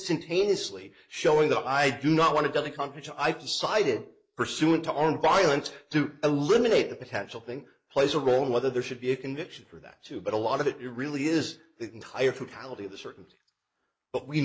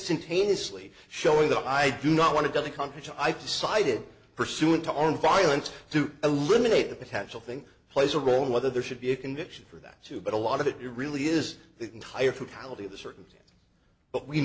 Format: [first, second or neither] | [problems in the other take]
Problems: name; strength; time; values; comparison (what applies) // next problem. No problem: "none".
second | noise reduction (neural mask model Resemble Enhance denoiser)